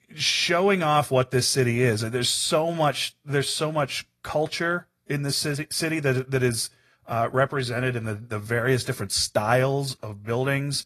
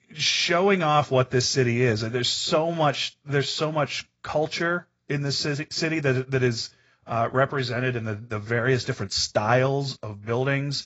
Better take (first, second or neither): first